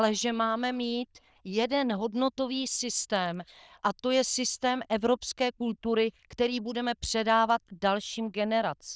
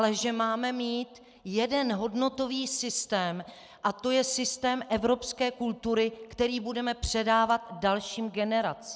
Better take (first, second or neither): second